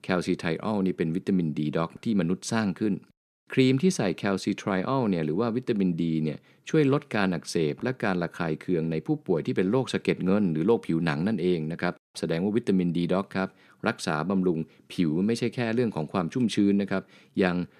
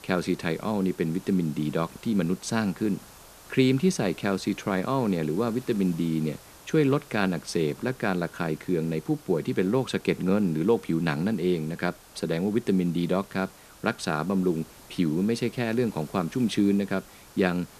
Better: first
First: none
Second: hiss; faint; throughout; 20 dB below the speech

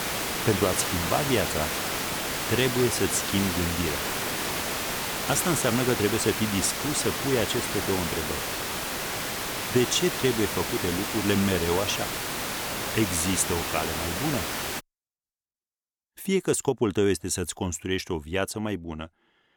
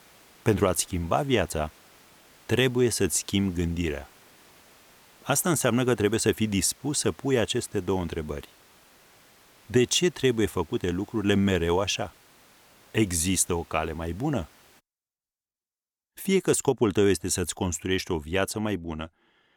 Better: second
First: hiss; loud; until 15 s; 1 dB below the speech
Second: hiss; faint; until 15 s; 30 dB below the speech

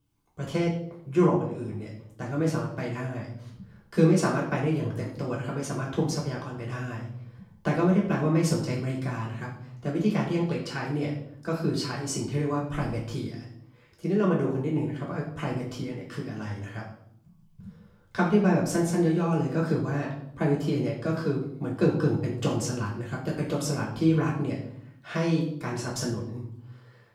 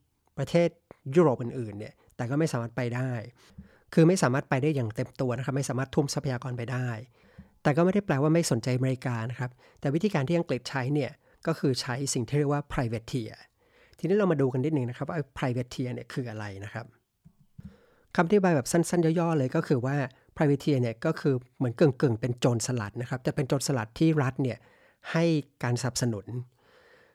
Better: second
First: off-mic speech; far // room echo; noticeable; dies away in 0.6 s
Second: none

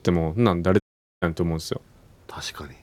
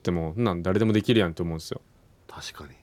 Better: second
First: audio cutting out; at 1 s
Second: none

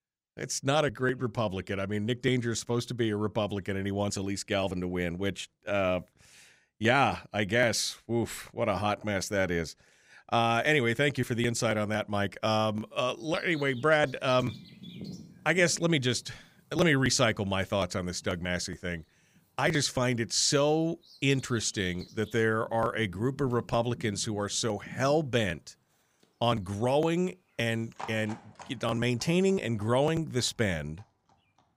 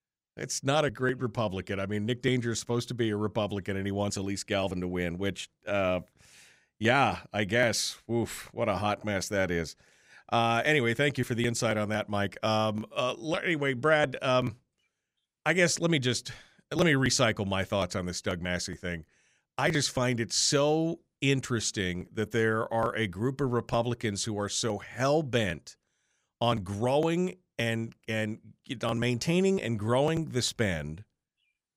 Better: second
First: animal sounds; faint; from 13 s on; 20 dB below the speech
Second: none

